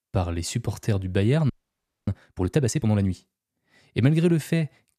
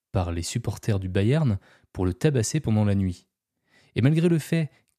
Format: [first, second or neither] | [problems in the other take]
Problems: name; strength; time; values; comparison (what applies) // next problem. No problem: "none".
second | audio freezing; at 1.5 s for 0.5 s